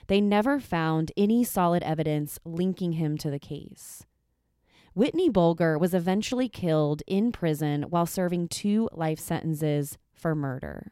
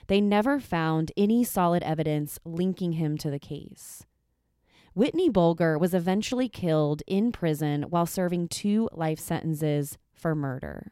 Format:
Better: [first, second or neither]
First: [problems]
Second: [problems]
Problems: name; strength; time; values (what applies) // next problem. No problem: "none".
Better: neither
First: none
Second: none